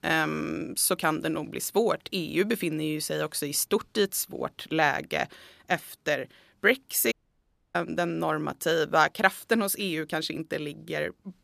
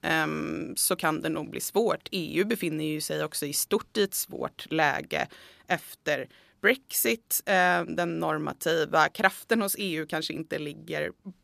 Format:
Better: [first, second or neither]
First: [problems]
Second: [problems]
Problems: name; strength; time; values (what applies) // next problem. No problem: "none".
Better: second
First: audio cutting out; at 7 s for 0.5 s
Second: none